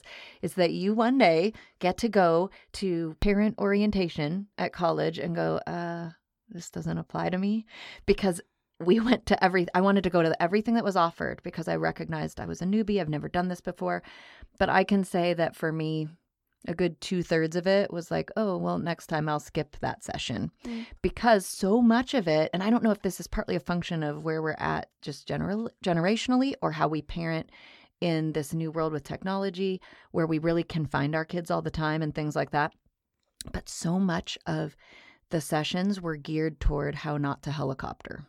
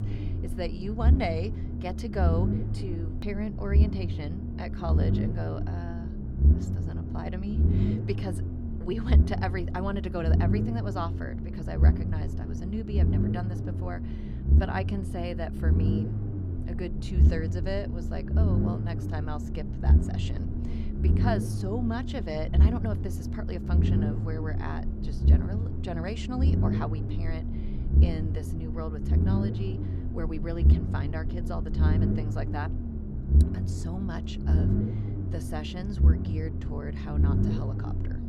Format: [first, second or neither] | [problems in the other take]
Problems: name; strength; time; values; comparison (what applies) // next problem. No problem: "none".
first | low rumble; loud; throughout; 2 dB below the speech